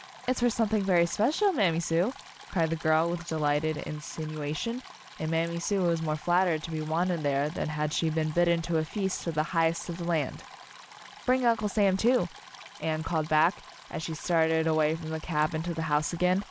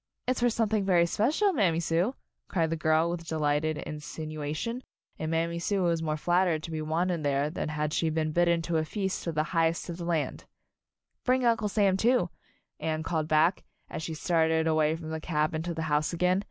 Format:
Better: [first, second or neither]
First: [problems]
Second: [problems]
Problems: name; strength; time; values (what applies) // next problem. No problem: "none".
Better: second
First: background sound (Stream); 19 dB below the speech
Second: none